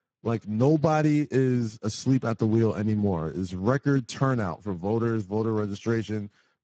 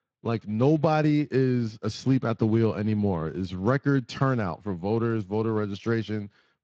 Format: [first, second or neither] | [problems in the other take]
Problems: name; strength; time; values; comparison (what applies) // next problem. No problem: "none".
second | garbled, watery; badly; nothing above 7.5 kHz; slightly in the second